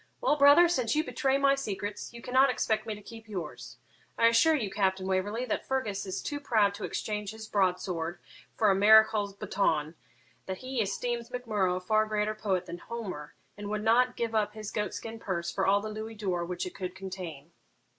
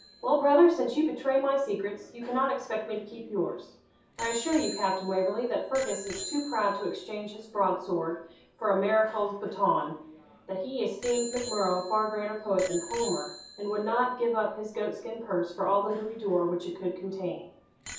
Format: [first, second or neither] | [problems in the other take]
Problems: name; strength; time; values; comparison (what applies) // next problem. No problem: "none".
first | background sound (Bicycle bell); 16 dB below the speech // room echo; dies away in 0.6 s